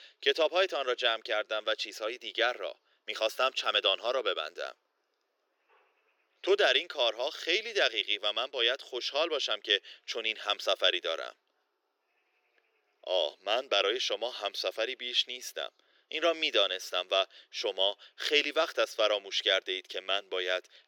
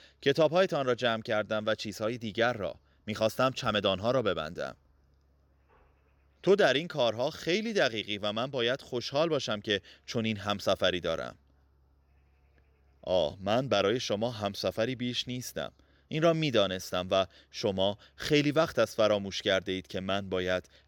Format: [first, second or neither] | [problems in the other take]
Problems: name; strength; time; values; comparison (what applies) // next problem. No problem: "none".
second | thin; very; fading below 350 Hz